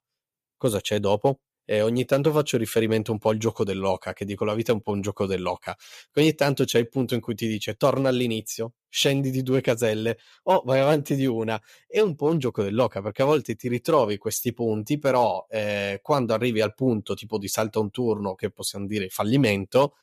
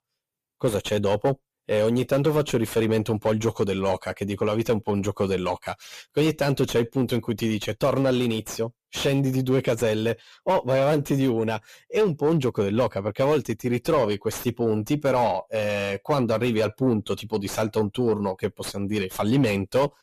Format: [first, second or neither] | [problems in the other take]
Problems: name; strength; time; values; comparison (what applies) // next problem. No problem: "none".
first | distortion; slight; 10 dB below the speech